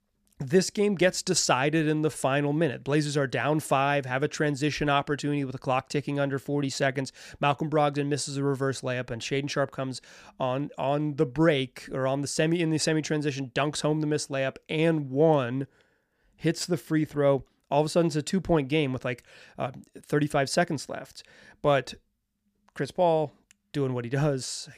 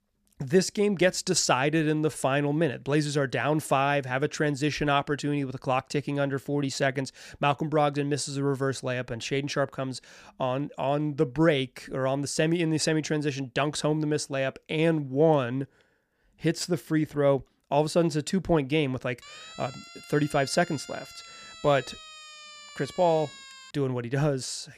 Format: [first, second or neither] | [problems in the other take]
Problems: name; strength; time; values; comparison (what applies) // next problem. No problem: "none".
first | siren; faint; from 19 to 24 s; peak 15 dB below the speech